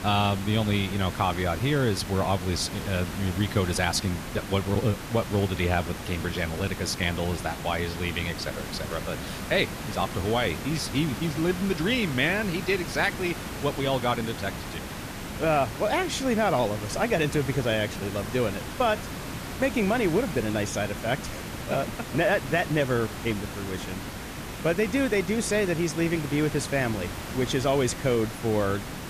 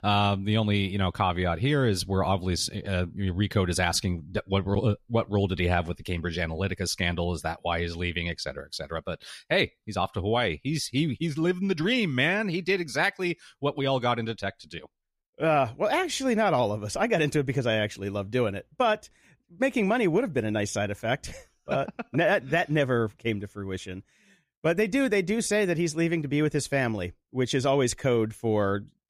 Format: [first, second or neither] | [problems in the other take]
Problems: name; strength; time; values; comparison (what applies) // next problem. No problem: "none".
second | hiss; loud; throughout; 8 dB below the speech